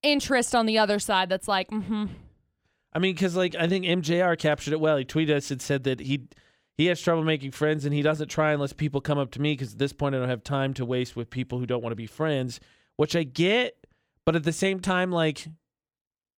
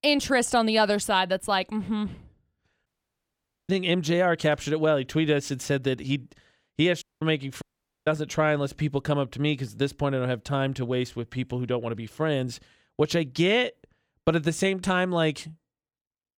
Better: first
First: none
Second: audio cutting out; at 3 s for 1 s, at 7 s and at 7.5 s

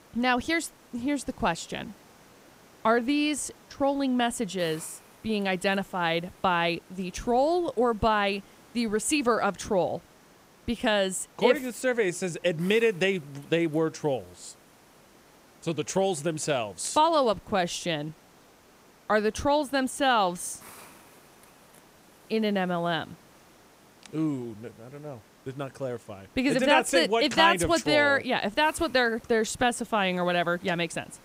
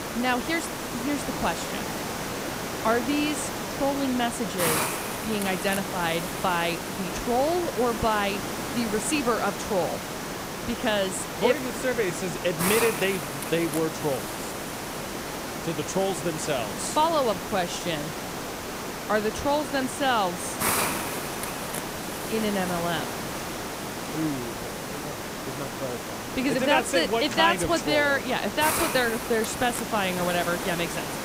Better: first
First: hiss; faint; throughout; 25 dB below the speech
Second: hiss; loud; throughout; 4 dB below the speech

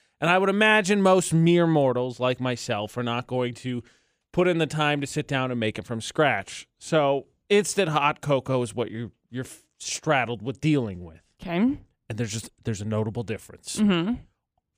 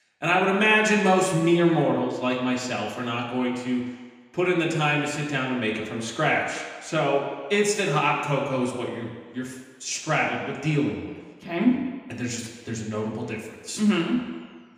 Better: first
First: none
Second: room echo; noticeable; dies away in 1.3 s // off-mic speech; somewhat distant

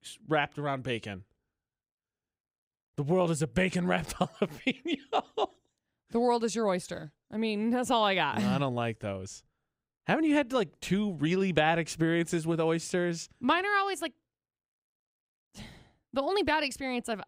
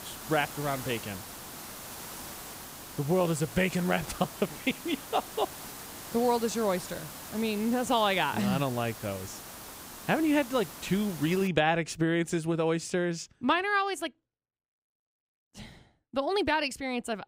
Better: first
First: none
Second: hiss; noticeable; until 11 s; 10 dB below the speech

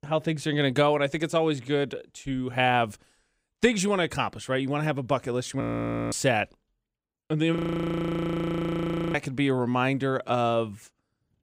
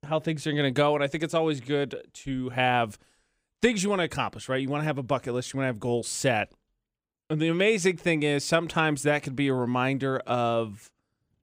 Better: second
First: audio freezing; at 5.5 s for 0.5 s and at 7.5 s for 1.5 s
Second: none

